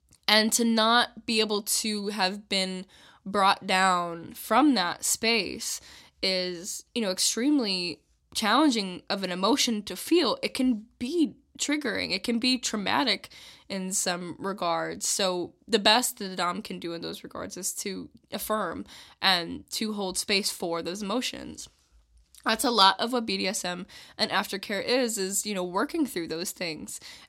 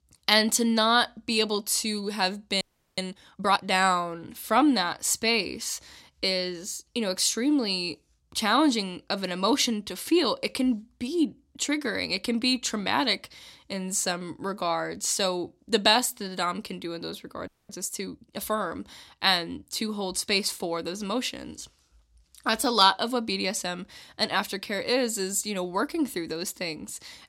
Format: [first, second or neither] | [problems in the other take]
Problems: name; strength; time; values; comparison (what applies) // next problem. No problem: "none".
first | audio freezing; at 2.5 s and at 17 s